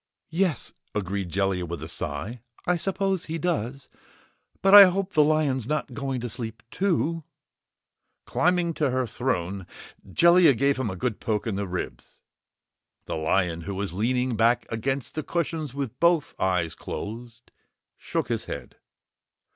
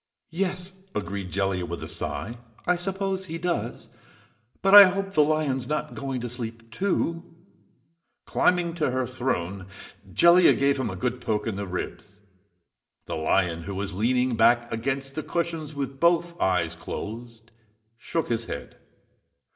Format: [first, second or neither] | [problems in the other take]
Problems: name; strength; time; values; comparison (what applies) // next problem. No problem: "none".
first | room echo; dies away in 0.6 s